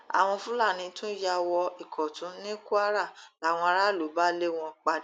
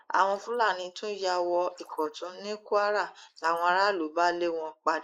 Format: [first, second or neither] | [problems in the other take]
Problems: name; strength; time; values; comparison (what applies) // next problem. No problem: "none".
first | noise reduction (neural mask model Resemble Enhance denoiser)